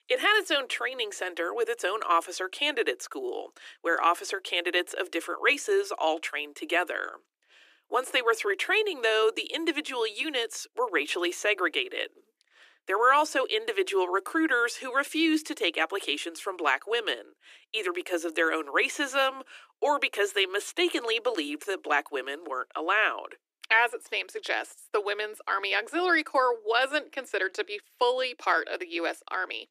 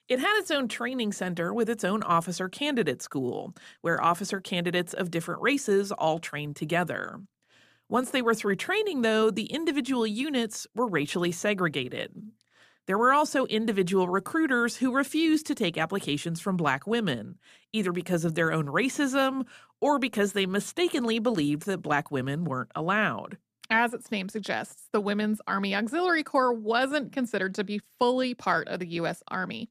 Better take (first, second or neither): second